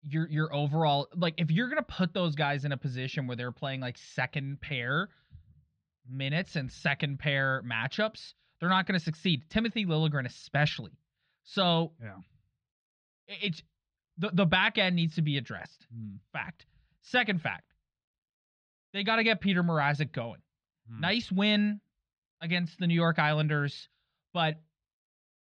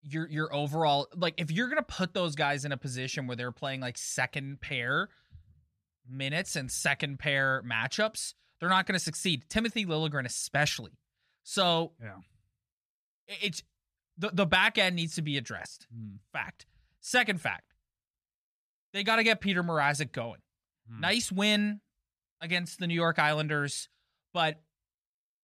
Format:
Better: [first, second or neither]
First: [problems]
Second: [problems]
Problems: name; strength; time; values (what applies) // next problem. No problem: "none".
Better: second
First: muffled; very slightly; fading above 4 kHz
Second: none